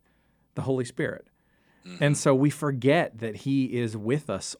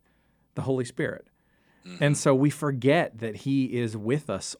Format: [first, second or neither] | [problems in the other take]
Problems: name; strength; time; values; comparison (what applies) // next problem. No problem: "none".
neither | none